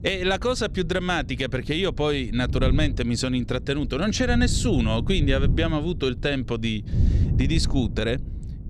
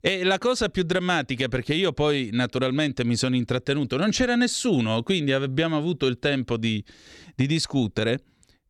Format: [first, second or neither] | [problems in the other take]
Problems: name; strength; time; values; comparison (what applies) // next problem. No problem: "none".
second | wind noise on the microphone; occasional gusts; 15 dB below the speech